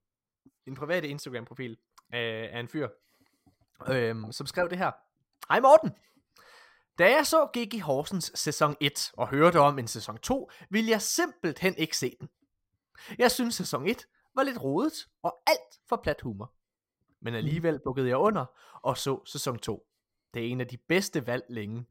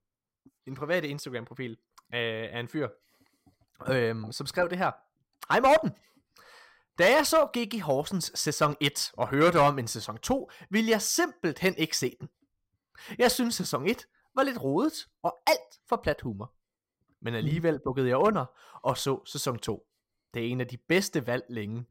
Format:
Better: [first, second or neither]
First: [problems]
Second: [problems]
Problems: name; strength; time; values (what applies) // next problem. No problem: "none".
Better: first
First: none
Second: distortion; slight; 1.1% of the sound clipped